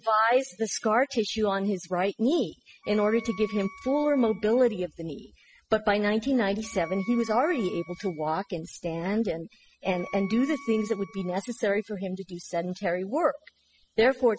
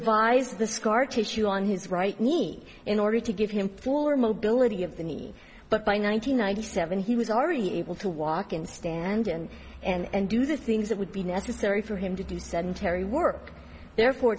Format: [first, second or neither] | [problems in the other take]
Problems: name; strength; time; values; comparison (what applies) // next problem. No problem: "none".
second | noise reduction (classical method spectral subtraction)